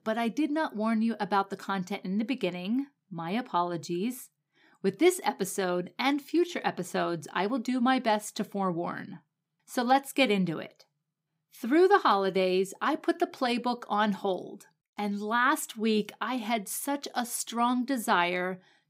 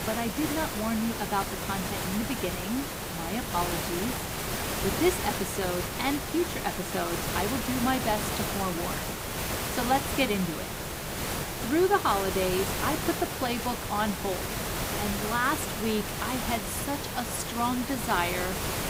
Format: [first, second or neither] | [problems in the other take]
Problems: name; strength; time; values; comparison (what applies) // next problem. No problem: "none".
first | hiss; loud; throughout; 1 dB below the speech